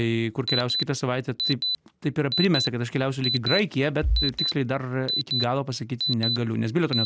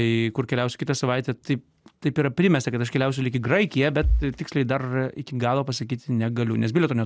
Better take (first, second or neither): second